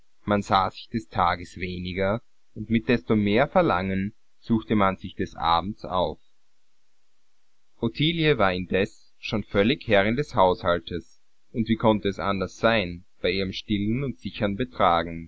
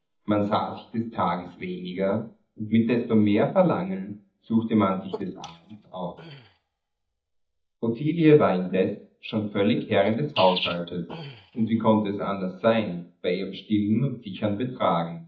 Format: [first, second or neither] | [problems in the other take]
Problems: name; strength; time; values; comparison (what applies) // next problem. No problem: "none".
first | noise reduction (neural mask model DeepFilterNet 3)